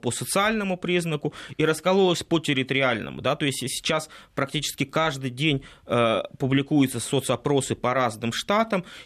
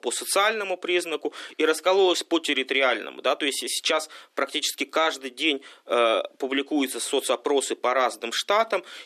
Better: first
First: none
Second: thin; somewhat; fading below 300 Hz

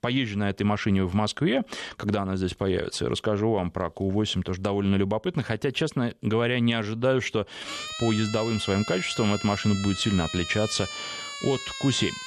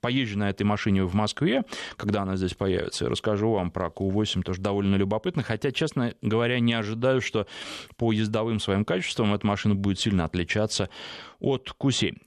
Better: second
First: siren; noticeable; from 7.5 s on; peak 7 dB below the speech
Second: none

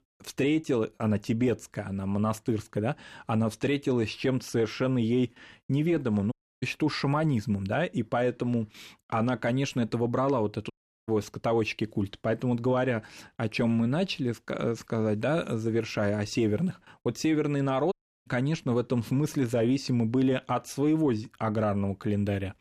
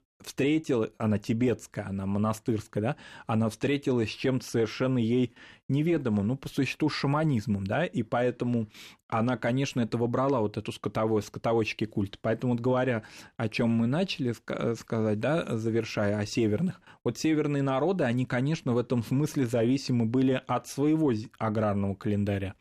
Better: second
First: audio cutting out; at 6.5 s, at 11 s and at 18 s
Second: none

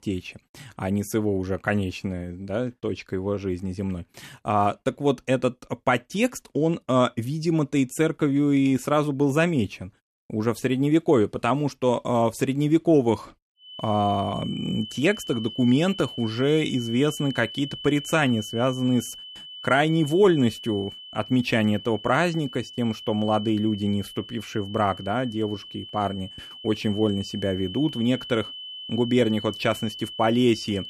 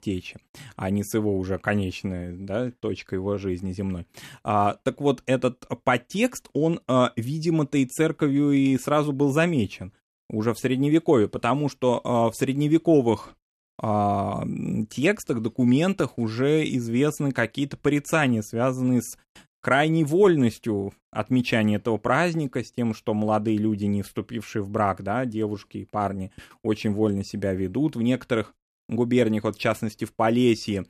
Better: second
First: high-pitched whine; noticeable; from 14 s on; 3 kHz, 10 dB below the speech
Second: none

